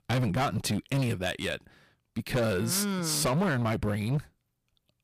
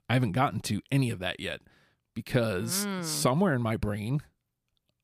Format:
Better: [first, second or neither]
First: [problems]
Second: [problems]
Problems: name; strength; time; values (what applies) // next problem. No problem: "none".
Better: second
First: distortion; heavy; 14% of the sound clipped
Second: none